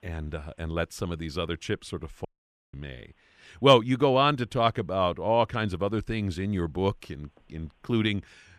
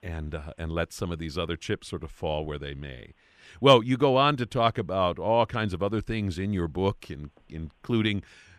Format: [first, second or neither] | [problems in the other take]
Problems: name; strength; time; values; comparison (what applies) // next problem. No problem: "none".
second | audio cutting out; at 2.5 s